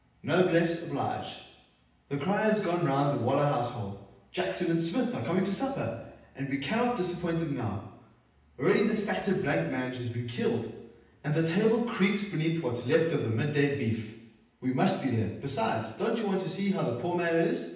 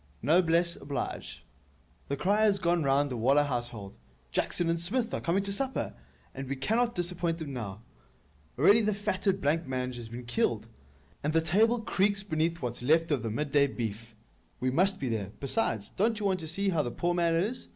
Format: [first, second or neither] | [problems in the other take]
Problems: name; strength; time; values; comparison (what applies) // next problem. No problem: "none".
second | room echo; dies away in 0.9 s